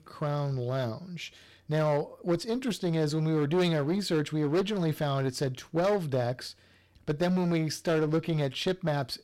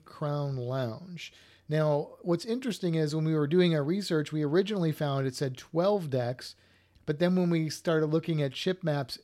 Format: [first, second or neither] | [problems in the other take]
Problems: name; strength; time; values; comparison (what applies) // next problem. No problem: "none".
second | distortion; slight; 11% of the sound clipped